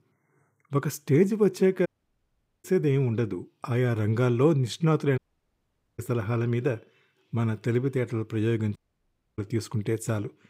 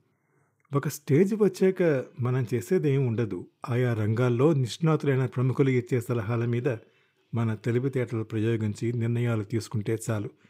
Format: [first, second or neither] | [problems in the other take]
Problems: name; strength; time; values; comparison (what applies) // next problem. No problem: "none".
second | audio cutting out; at 2 s for 1 s, at 5 s for 1 s and at 9 s for 0.5 s